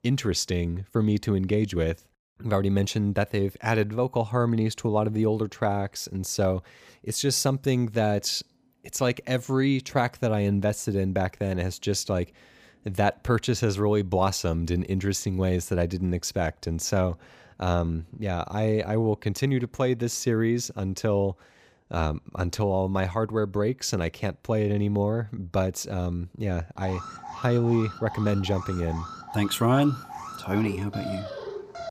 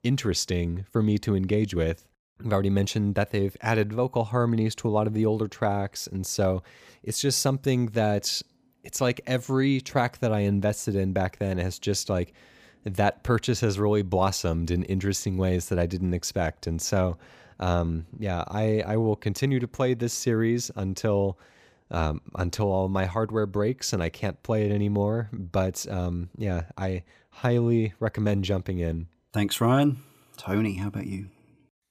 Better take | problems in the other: second | alarm; noticeable; from 27 s on; peak 9 dB below the speech

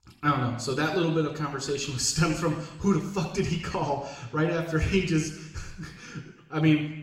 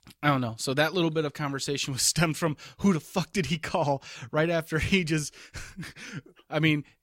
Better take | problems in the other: second | room echo; noticeable; dies away in 0.9 s // off-mic speech; somewhat distant

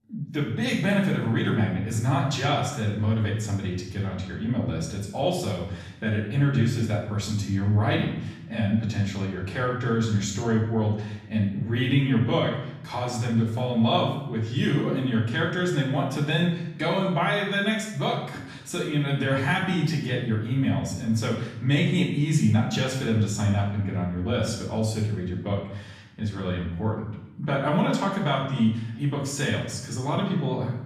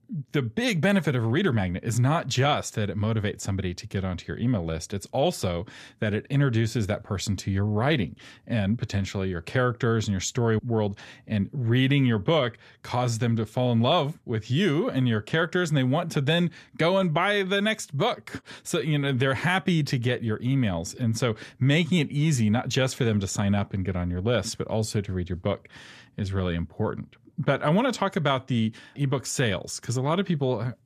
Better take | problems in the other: second | off-mic speech; far // room echo; noticeable; dies away in 0.7 s

